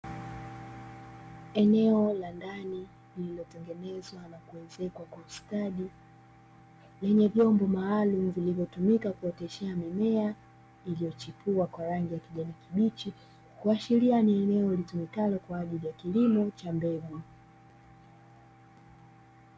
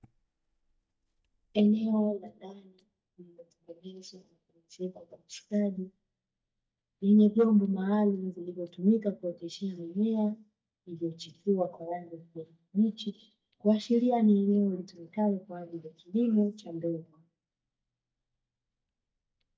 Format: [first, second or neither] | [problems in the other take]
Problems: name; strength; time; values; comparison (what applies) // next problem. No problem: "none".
first | noise reduction (neural mask model DeepFilterNet 3)